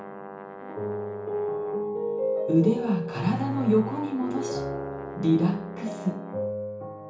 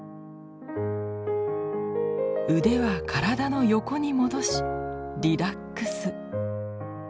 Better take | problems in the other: second | background sound (Brass instrument); 16 dB below the speech // room echo; dies away in 0.7 s

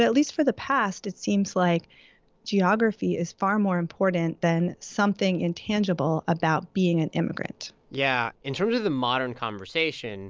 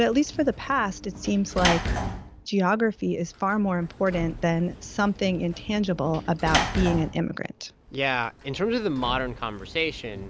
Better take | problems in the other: first | background sound (Sliding door / Slam); 8 dB below the speech

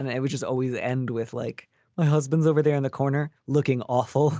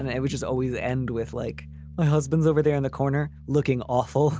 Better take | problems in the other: first | background sound (Bass guitar); 16 dB below the speech

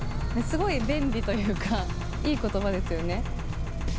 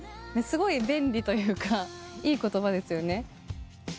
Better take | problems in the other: second | background sound (Engine); 1 dB above the speech

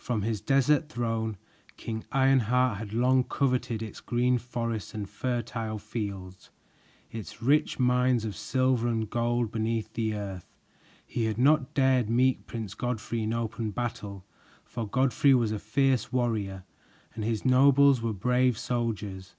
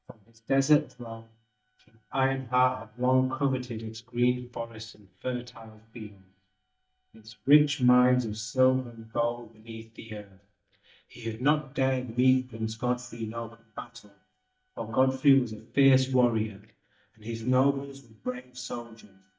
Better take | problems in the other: first | noise reduction (neural mask model DeepFilterNet 3)

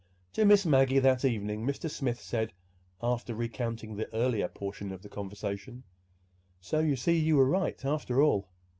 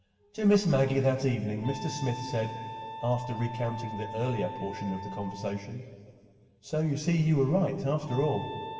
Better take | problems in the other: first | background sound (Wind instrument, woodwind instrument); 13 dB below the speech // room echo; dies away in 2.5 s

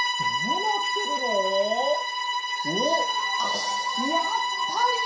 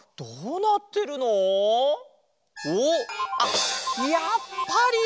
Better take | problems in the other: second | background sound (Bowed string instrument); 2 dB above the speech // room echo; dies away in 0.5 s

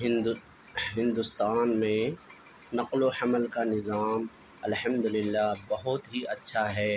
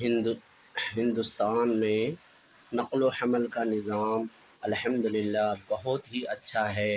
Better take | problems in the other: first | noise reduction (neural mask model Resemble Enhance denoiser)

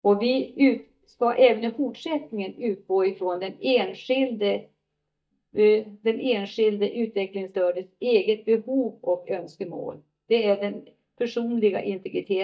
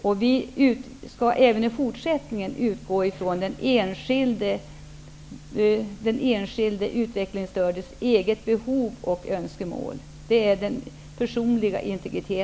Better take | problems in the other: second | noise reduction (neural mask model DeepFilterNet 3)

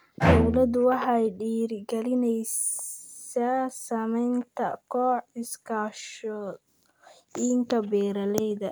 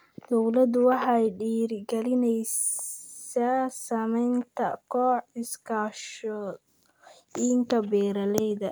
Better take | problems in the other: second | background sound (Bowed string instrument); as loud as the speech

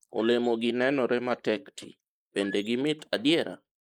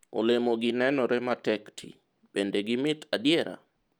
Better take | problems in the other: second | noise reduction (neural mask model Resemble Enhance denoiser)

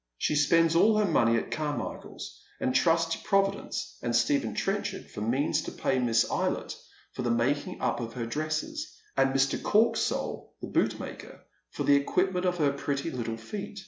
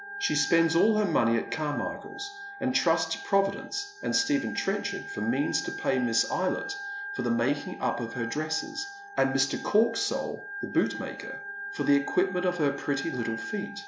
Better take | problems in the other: first | background sound (Organ); 11 dB below the speech

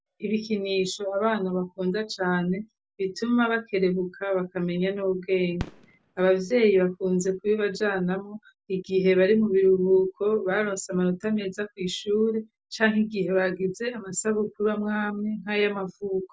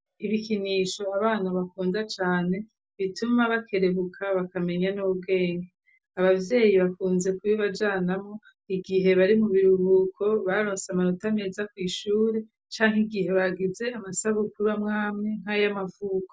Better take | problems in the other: second | background sound (Fireworks); 17 dB below the speech

